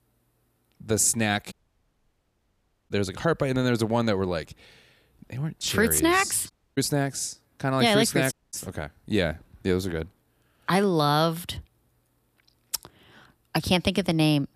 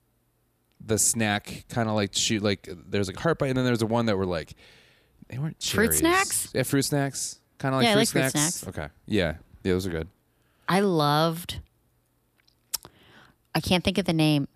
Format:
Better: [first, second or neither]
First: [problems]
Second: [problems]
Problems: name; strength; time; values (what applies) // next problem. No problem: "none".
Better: second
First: audio cutting out; at 1.5 s for 1.5 s, at 6.5 s and at 8.5 s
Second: none